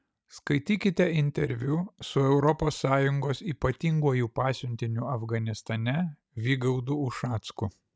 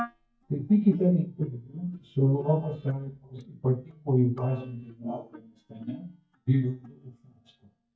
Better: first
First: none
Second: noise reduction (neural mask model DeepFilterNet 3)

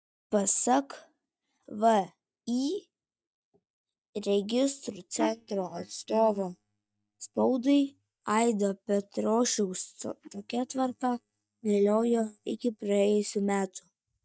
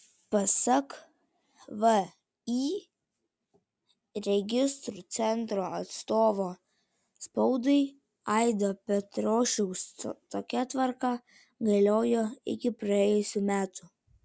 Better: second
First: noise reduction (neural mask model DeepFilterNet 3)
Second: none

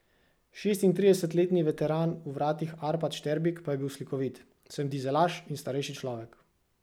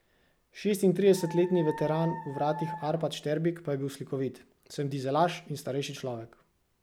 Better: first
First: none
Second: background sound (Dog); 11 dB below the speech

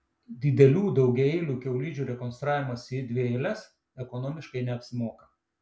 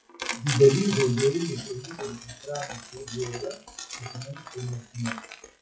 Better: first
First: none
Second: noise reduction (classical method WPE with log-MMSE)

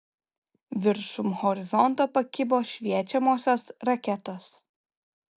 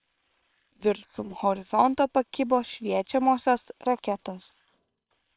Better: first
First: none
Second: noise reduction (neural separator model SepFormer WHAM!)

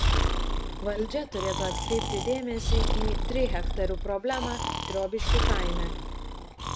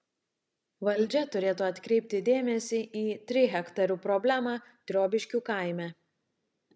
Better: second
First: background sound (Breathing); 5 dB above the speech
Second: none

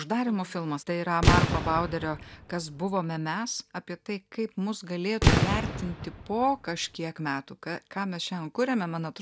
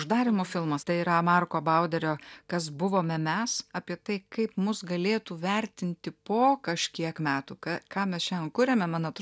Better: second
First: background sound (Fireworks); 3 dB above the speech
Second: none

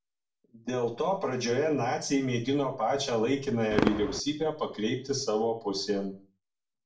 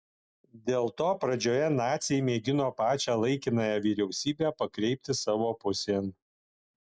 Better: second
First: background sound (Fireworks); 10 dB below the speech // room echo; dies away in 0.4 s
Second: none

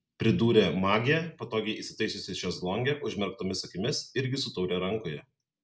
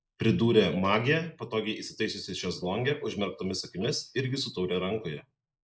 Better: first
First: none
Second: noise reduction (neural mask model Resemble Enhance denoiser)

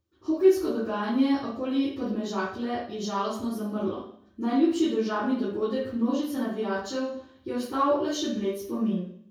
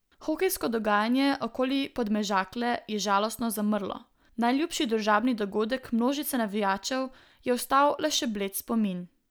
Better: second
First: room echo; dies away in 0.6 s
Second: none

